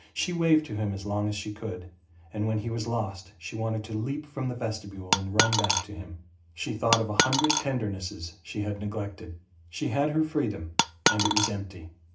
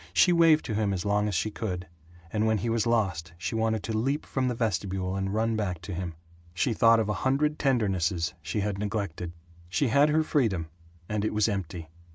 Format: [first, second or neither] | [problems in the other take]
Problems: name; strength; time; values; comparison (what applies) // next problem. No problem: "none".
second | background sound (Coin (dropping)); 4 dB above the speech // room echo; dies away in 0.3 s